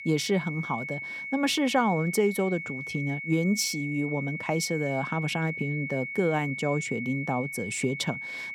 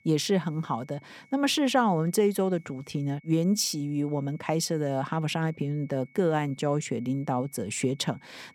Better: second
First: high-pitched whine; loud; throughout; 2 kHz, 6 dB below the speech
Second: high-pitched whine; faint; throughout; 2 kHz, 30 dB below the speech

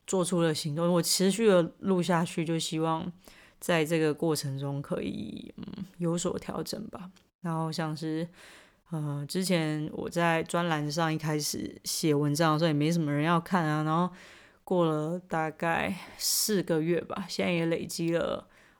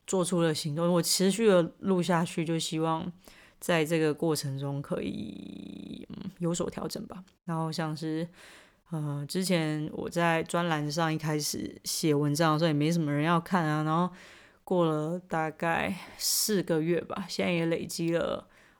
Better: first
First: none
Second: audio freezing; at 5.5 s for 0.5 s

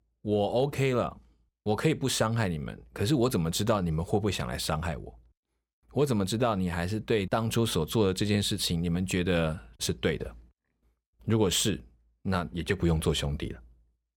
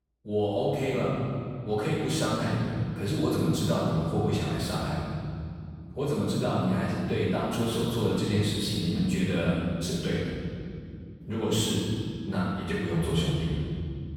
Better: first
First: none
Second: room echo; strong; dies away in 2.8 s // off-mic speech; far

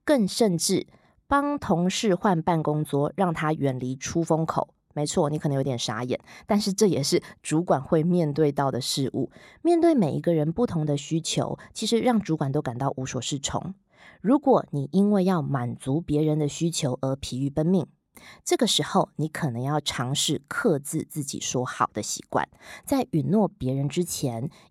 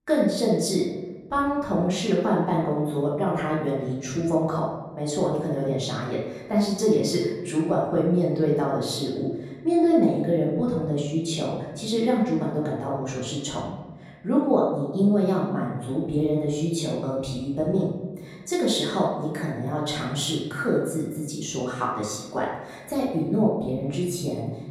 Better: first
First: none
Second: room echo; noticeable; dies away in 1 s // off-mic speech; far

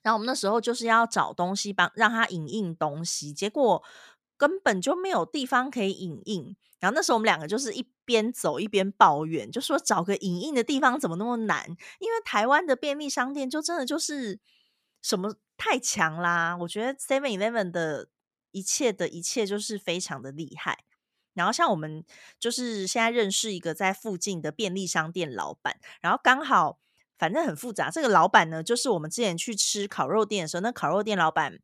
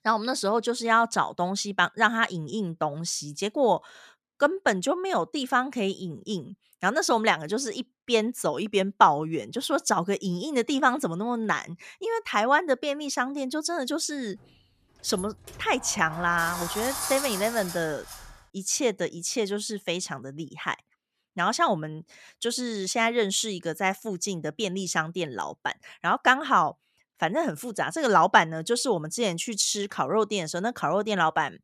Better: first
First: none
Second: door banging; noticeable; from 15 to 18 s; peak 3 dB below the speech

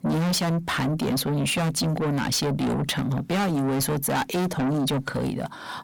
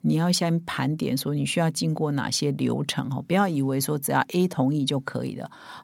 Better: second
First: distortion; heavy; 6 dB below the speech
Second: none

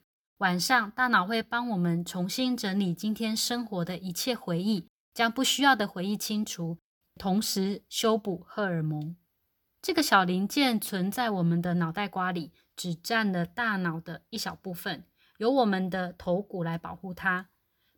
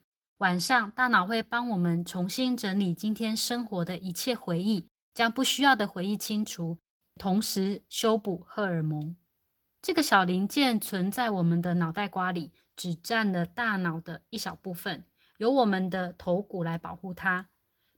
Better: first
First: none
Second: garbled, watery; slightly; nothing above 18 kHz

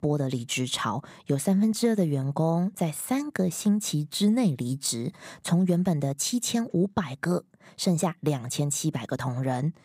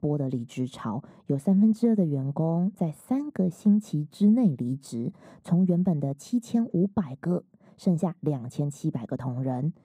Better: first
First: none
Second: muffled; slightly; fading above 1 kHz

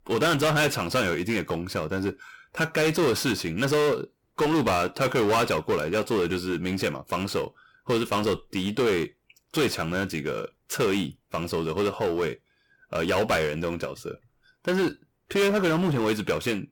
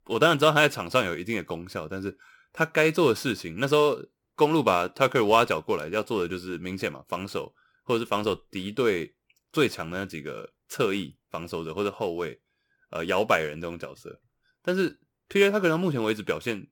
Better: second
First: distortion; heavy; 6 dB below the speech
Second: none

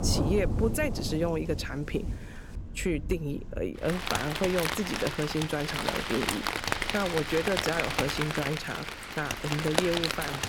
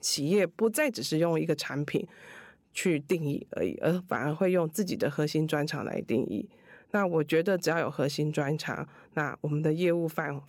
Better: second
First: rain or running water; loud; throughout; 1 dB below the speech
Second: none

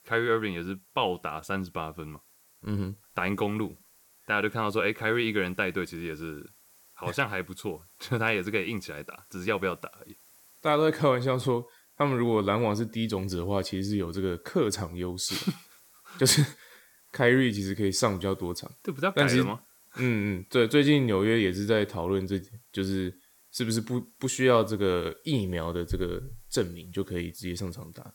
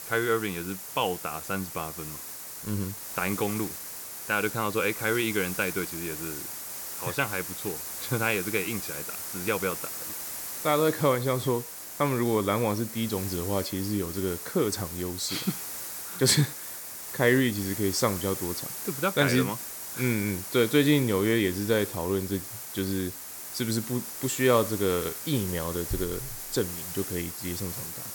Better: first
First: hiss; faint; throughout; 30 dB below the speech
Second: hiss; loud; throughout; 7 dB below the speech

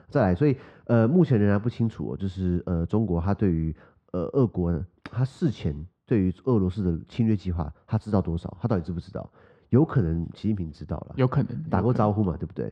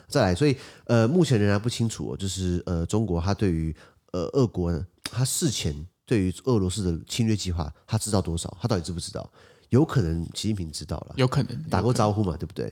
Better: second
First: muffled; very; fading above 1.5 kHz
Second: none

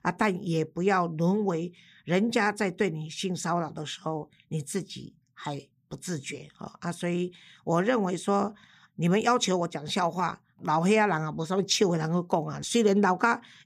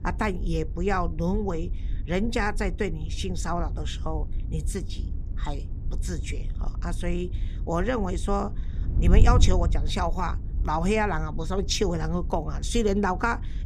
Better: first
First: none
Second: wind noise on the microphone; occasional gusts; 20 dB below the speech

